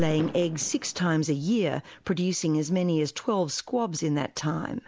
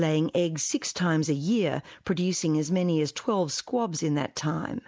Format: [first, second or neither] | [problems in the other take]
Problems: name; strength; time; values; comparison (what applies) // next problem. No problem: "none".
second | background sound (Fireworks); 15 dB below the speech